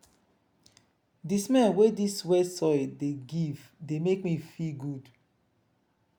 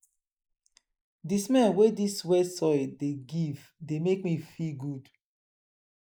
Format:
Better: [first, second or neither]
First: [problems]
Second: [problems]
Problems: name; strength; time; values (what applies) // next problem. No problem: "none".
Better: first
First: none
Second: noise reduction (neural mask model Resemble Enhance denoiser)